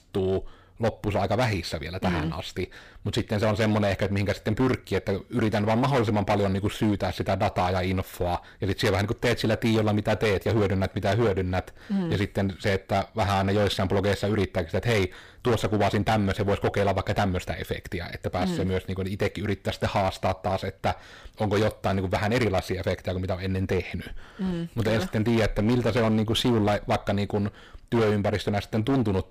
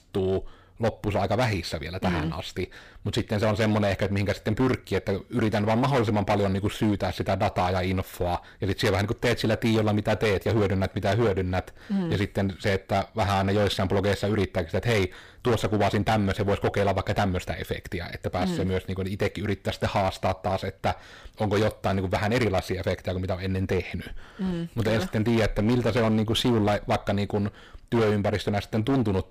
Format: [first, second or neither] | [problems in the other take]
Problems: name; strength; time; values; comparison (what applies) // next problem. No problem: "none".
neither | distortion; heavy; 16% of the sound clipped; the same in both